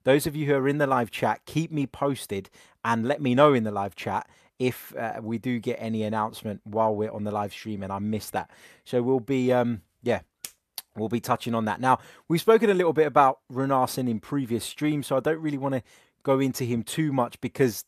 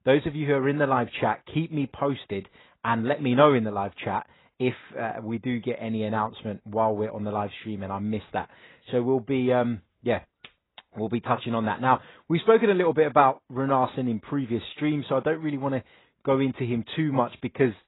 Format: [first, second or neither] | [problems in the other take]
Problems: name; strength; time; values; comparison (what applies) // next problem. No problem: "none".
first | garbled, watery; badly; nothing above 4 kHz